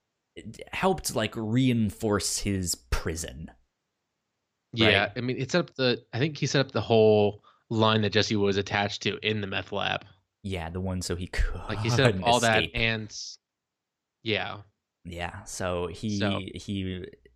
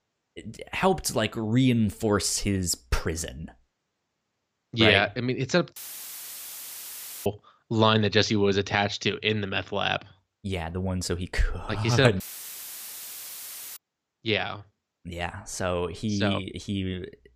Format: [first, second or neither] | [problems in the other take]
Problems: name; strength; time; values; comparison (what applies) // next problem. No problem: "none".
first | audio cutting out; filled with static; at 6 s for 1.5 s and at 12 s for 1.5 s